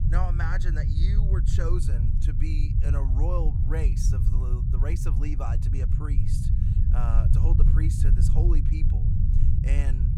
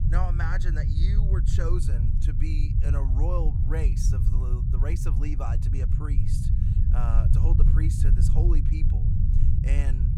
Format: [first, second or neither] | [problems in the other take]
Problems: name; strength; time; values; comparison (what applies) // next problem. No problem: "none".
neither | low rumble; loud; throughout; 2 dB below the speech; the same in both